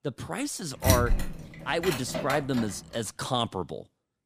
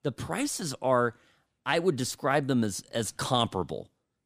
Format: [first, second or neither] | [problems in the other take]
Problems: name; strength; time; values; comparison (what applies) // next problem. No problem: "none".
second | door banging; loud; from 1 to 2.5 s; peak 5 dB above the speech